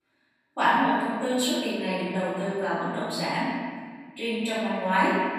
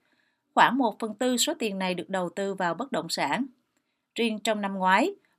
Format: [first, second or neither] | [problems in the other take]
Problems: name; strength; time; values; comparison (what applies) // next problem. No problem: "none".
second | room echo; strong; dies away in 1.7 s // off-mic speech; far